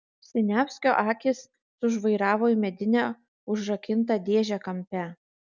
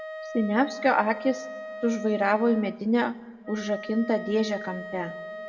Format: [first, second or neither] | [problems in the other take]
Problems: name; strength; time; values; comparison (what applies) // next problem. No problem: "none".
first | background sound (Wind instrument, woodwind instrument); 12 dB below the speech // room echo; dies away in 0.9 s